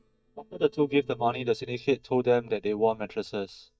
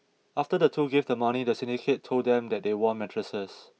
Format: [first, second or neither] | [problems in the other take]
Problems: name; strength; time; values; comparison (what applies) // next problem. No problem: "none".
second | noise reduction (neural mask model DeepFilterNet 3)